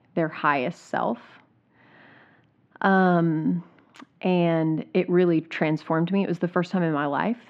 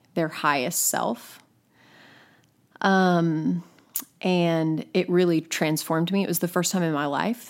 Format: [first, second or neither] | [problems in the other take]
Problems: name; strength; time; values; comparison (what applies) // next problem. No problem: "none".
second | muffled; very; fading above 2.5 kHz